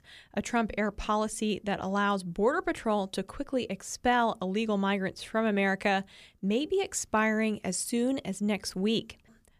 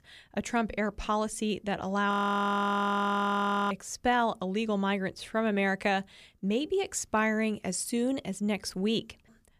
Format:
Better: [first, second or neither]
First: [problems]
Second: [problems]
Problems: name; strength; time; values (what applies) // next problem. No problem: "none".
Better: first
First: none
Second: audio freezing; at 2 s for 1.5 s